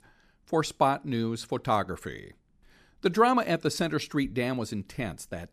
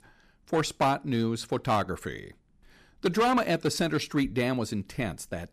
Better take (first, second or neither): first